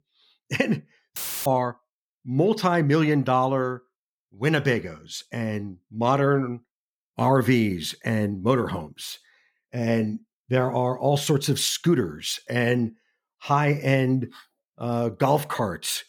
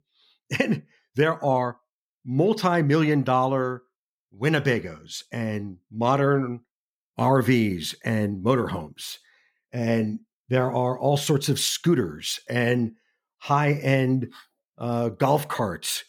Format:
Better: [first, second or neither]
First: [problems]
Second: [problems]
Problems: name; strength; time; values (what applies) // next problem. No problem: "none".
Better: second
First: audio cutting out; filled with static; at 1 s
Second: none